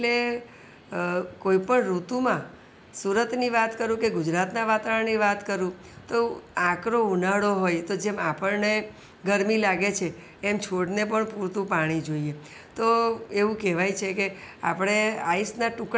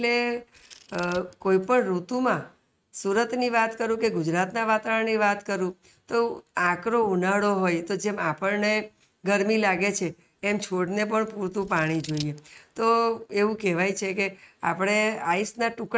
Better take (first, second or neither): first